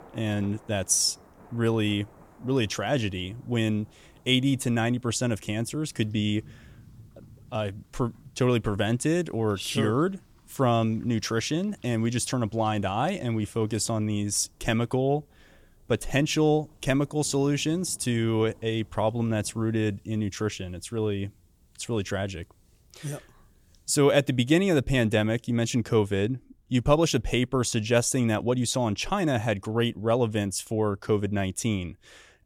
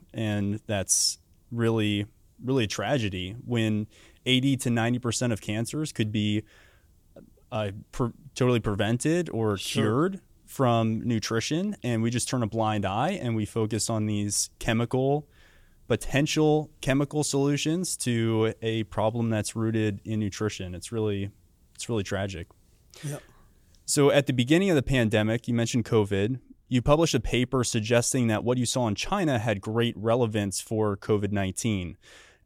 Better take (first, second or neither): second